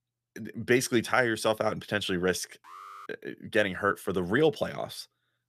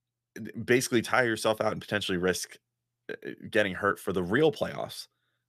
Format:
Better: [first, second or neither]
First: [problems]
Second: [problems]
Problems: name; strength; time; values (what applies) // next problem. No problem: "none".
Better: second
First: alarm; faint; at 2.5 s; peak 15 dB below the speech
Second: none